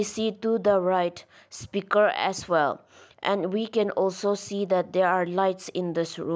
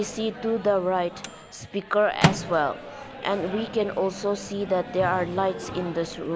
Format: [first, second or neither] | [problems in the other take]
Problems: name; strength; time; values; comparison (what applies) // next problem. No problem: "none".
first | background sound (Microwave oven); 6 dB below the speech